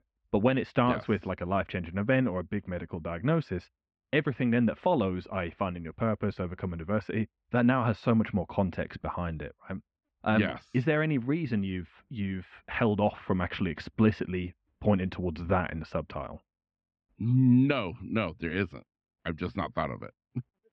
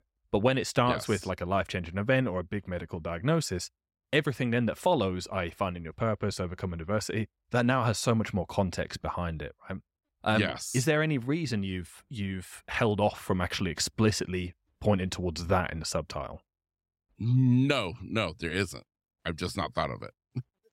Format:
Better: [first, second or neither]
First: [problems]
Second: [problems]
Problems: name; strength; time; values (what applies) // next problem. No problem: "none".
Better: second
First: muffled; very; fading above 3 kHz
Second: none